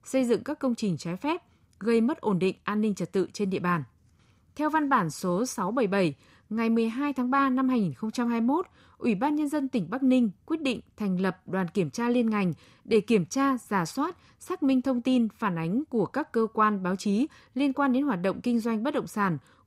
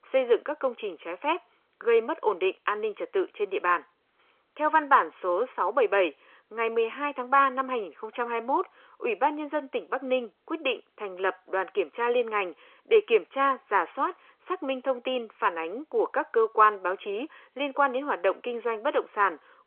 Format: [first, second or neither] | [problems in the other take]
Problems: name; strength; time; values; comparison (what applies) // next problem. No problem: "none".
first | phone-call audio; nothing above 3.5 kHz